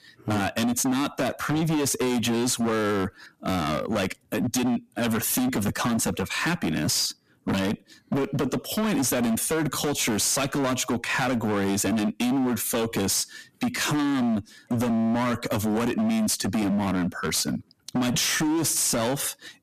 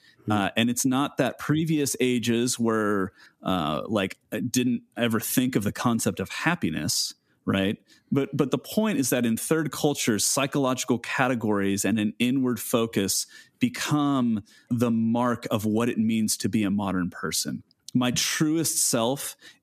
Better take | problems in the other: second | distortion; heavy; 27% of the sound clipped

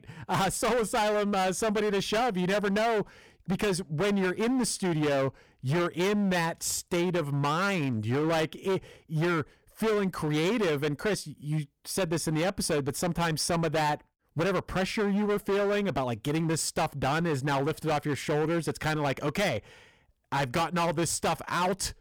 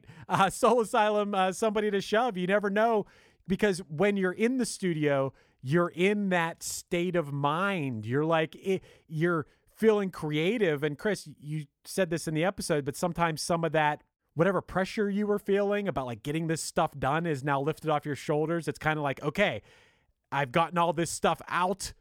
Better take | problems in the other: second | distortion; heavy; 23% of the sound clipped

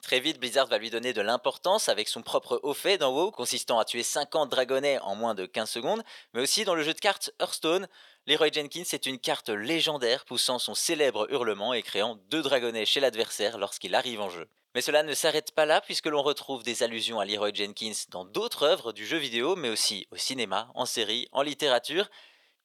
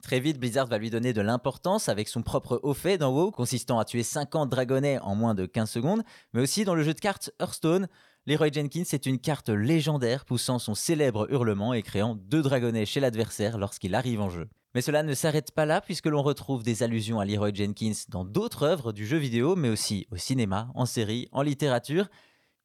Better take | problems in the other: second | thin; very; fading below 500 Hz

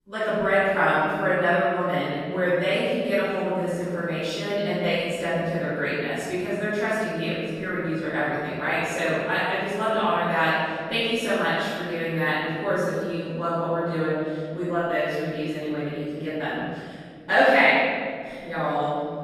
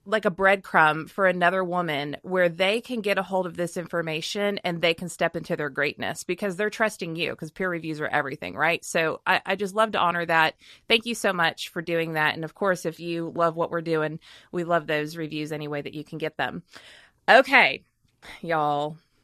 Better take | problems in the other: second | off-mic speech; far // room echo; strong; dies away in 2.4 s

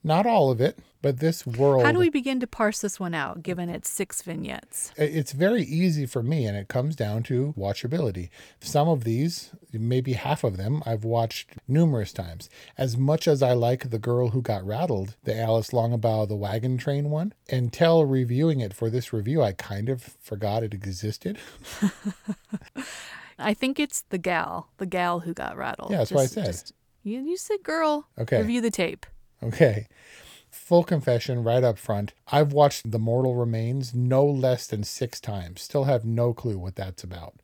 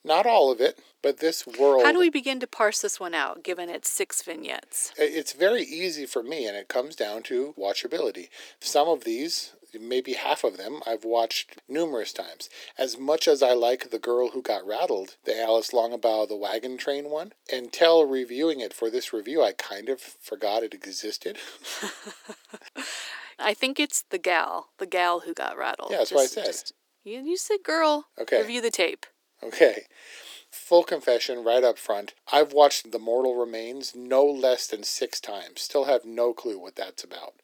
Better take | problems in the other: first | thin; very; fading below 300 Hz

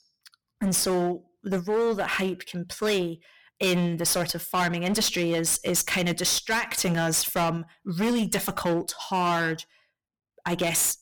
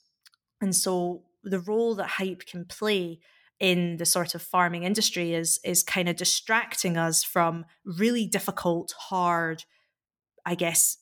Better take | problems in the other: second | distortion; heavy; 16% of the sound clipped

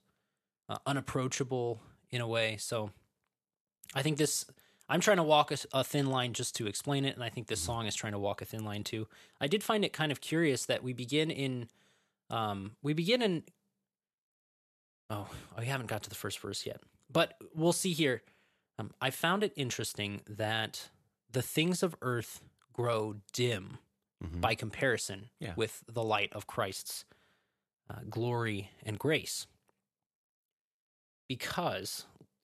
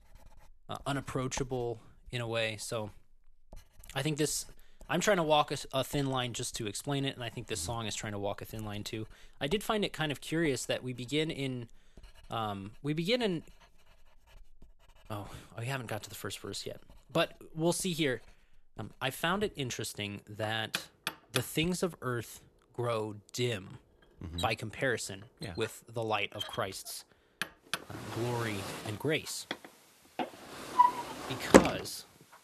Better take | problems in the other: first | household noises; very loud; throughout; 1 dB above the speech

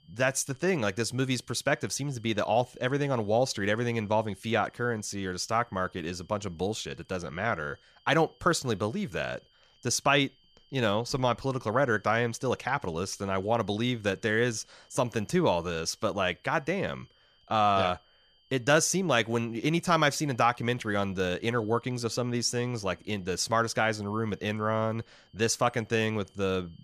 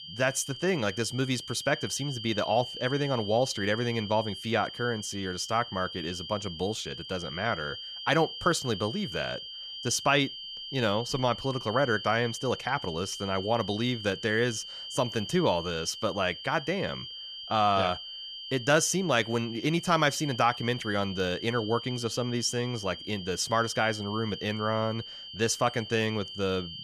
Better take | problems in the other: first | high-pitched whine; loud; throughout; 3 kHz, 9 dB below the speech; faint in the first

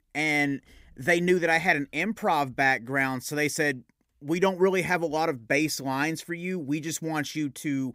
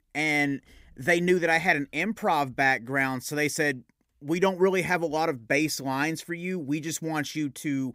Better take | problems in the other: neither | none

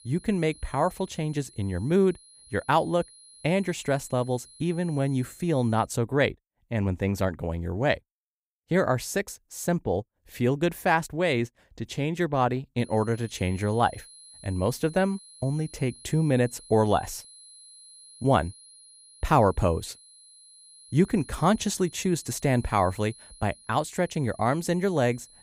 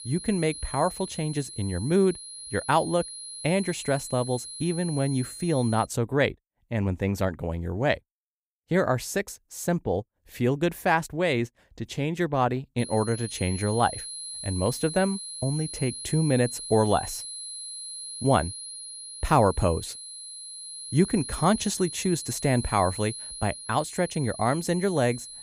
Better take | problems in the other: first | high-pitched whine; loud; until 6 s and from 13 s on; 10.5 kHz, 9 dB below the speech; faint in the first

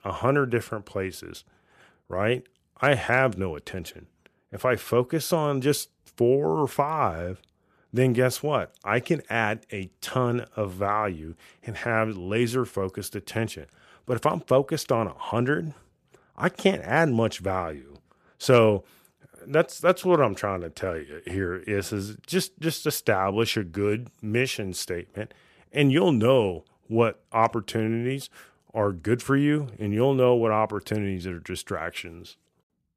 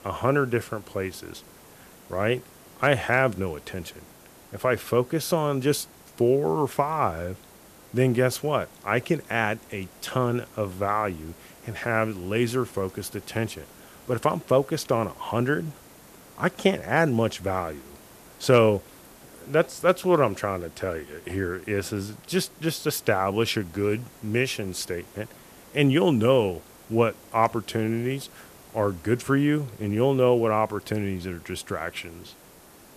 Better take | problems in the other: first | hiss; faint; throughout; 25 dB below the speech

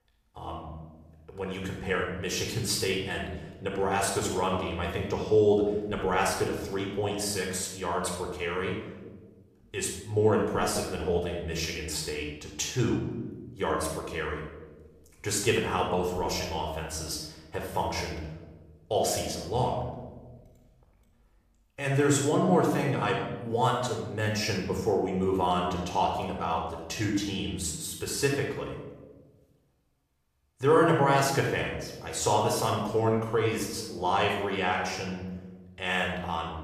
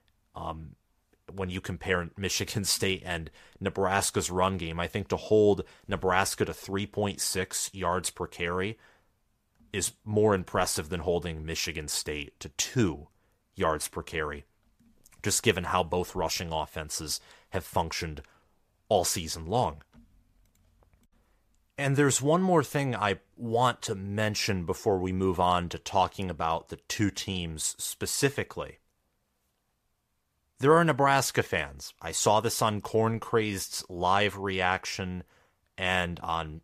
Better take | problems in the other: second | off-mic speech; somewhat distant // room echo; noticeable; dies away in 1 s

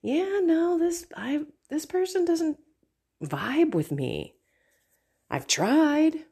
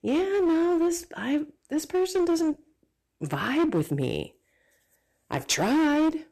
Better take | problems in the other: first | distortion; slight; 11% of the sound clipped

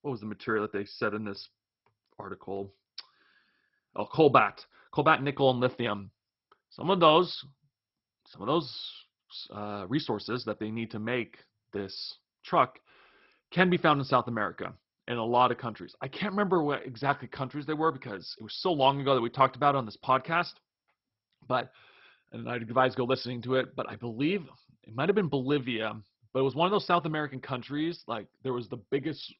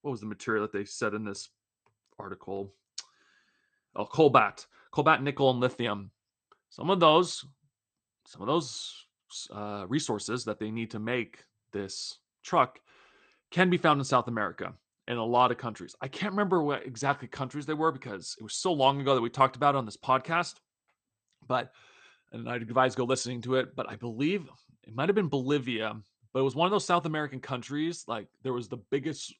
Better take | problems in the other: second | garbled, watery; badly; nothing above 5.5 kHz; slightly in the second

